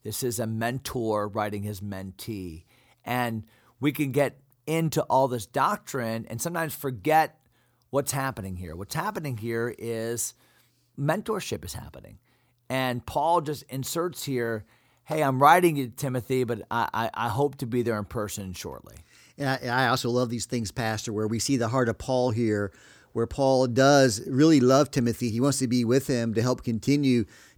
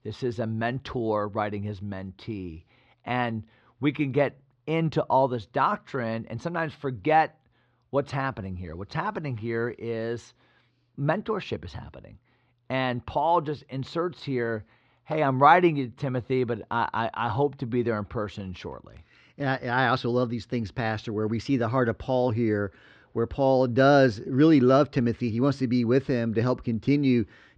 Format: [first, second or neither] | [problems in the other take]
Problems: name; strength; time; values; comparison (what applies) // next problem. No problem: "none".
first | muffled; slightly; fading above 3.5 kHz